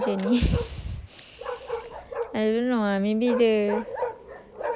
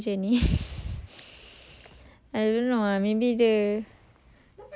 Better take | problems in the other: second | background sound (Bark); 7 dB below the speech

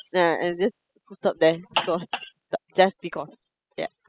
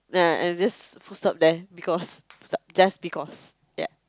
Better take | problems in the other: second | noise reduction (classical method spectral subtraction)

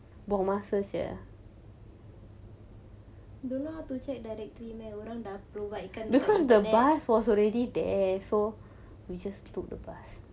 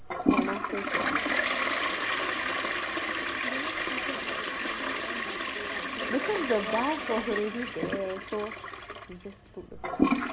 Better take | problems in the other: first | background sound (Toilet flush); 5 dB above the speech

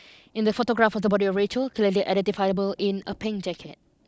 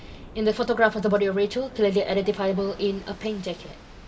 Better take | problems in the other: first | background sound (Waves, surf); 18 dB below the speech // room echo; dies away in 0.7 s

